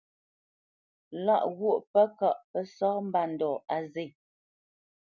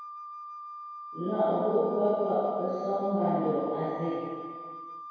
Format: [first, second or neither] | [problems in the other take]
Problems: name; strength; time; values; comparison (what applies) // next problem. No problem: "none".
first | background sound (Wind instrument, woodwind instrument); 12 dB below the speech // room echo; dies away in 2 s